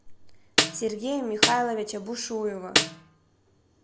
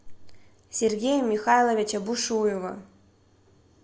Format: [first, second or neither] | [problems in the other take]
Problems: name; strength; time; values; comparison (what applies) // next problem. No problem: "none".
second | background sound (Snare drum); 3 dB above the speech